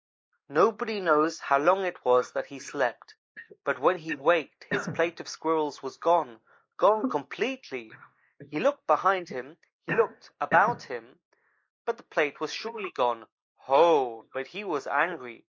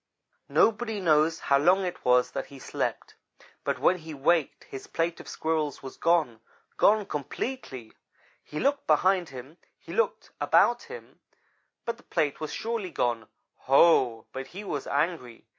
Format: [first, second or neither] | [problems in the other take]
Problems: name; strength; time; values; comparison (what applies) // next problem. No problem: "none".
second | noise reduction (neural mask model Resemble Enhance denoiser)